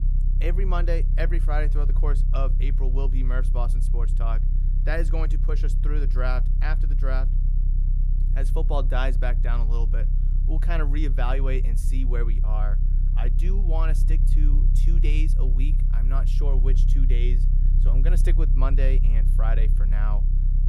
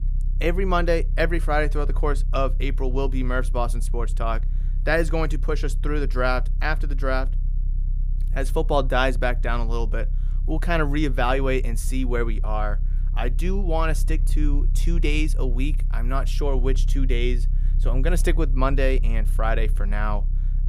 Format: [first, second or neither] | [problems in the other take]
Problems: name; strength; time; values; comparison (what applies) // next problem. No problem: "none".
second | low rumble; loud; throughout; 10 dB below the speech; faint in the second